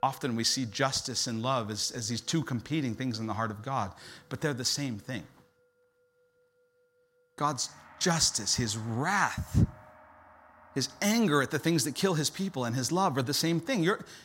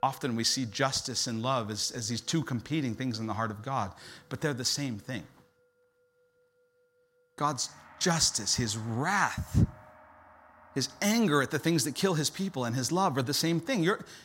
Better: neither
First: background music; faint; throughout; 30 dB below the speech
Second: background music; faint; throughout; 30 dB below the speech

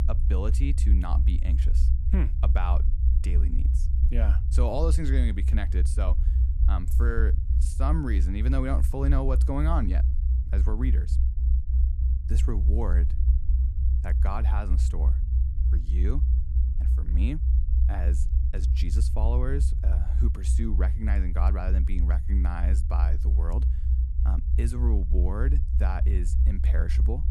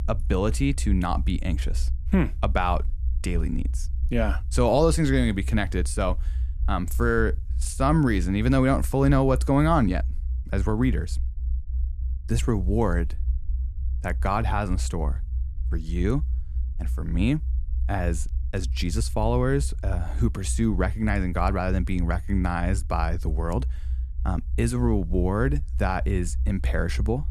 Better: second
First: low rumble; loud; throughout; 7 dB below the speech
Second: low rumble; faint; throughout; 20 dB below the speech

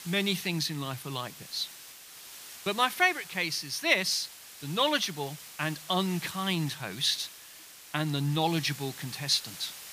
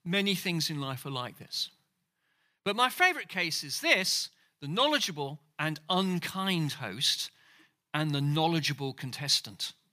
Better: second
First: hiss; noticeable; throughout; 15 dB below the speech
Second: none

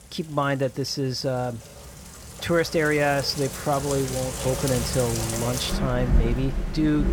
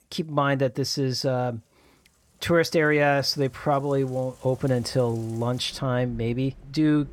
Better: second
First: rain or running water; loud; throughout; 4 dB below the speech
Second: rain or running water; faint; throughout; 25 dB below the speech

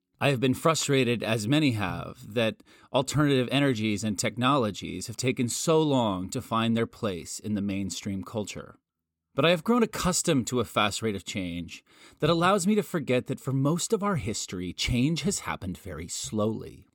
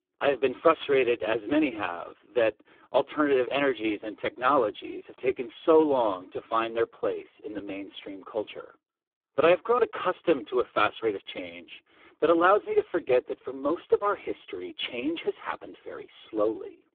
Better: first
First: none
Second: phone-call audio; poor line

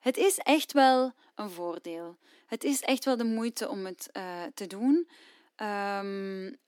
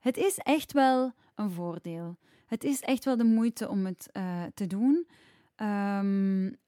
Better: second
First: thin; very slightly; fading below 300 Hz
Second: none

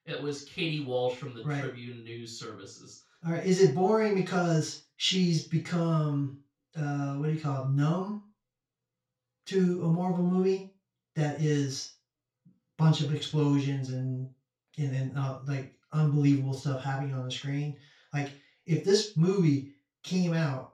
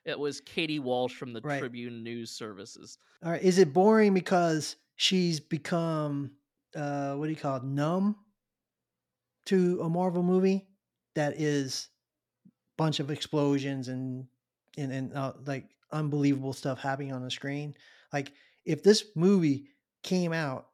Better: second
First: room echo; noticeable; dies away in 0.3 s // off-mic speech; far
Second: none

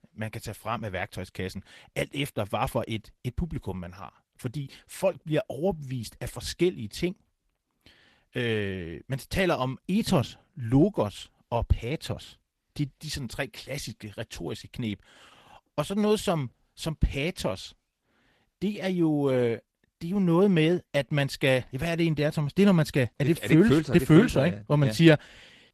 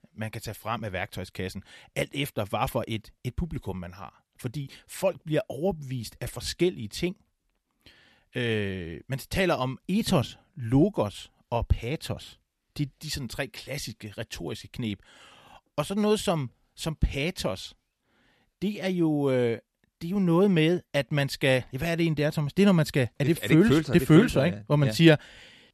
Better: second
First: garbled, watery; slightly; nothing above 13.5 kHz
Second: none

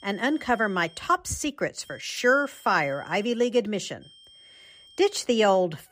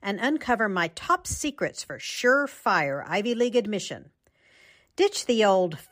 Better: second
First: high-pitched whine; faint; until 1 s, from 2 to 3.5 s and from 4 to 5 s; 3 kHz, 25 dB below the speech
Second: none

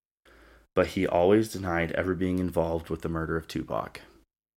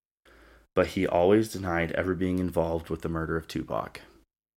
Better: neither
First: none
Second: none

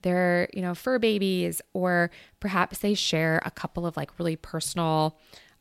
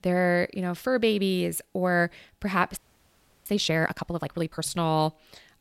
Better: first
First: none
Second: audio freezing; at 3 s for 0.5 s

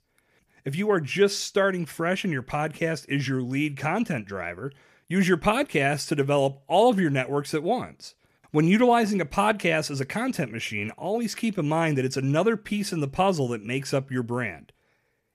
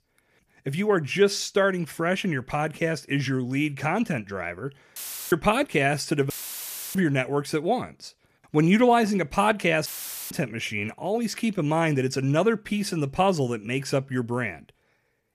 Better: first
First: none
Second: audio cutting out; filled with static; at 5 s, at 6.5 s for 0.5 s and at 10 s

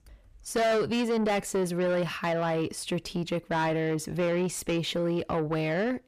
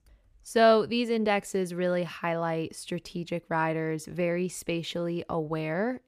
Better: second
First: distortion; heavy; 6 dB below the speech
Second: none

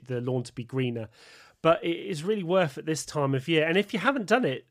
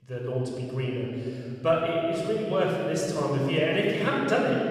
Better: first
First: none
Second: off-mic speech; far // room echo; noticeable; dies away in 2.7 s

